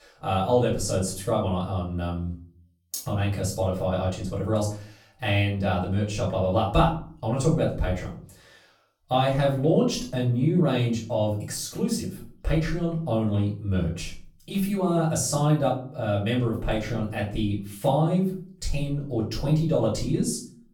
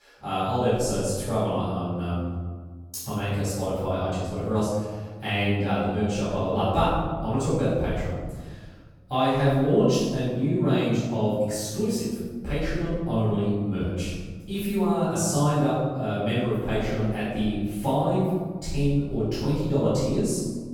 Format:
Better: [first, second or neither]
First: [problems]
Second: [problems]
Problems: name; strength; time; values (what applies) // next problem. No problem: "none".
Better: first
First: room echo; slight; dies away in 0.4 s // off-mic speech; far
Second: room echo; strong; dies away in 1.4 s // off-mic speech; far